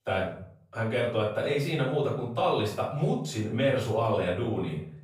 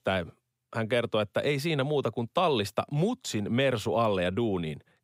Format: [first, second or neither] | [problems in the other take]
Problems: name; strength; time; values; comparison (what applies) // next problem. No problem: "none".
second | off-mic speech; far // room echo; noticeable; dies away in 0.5 s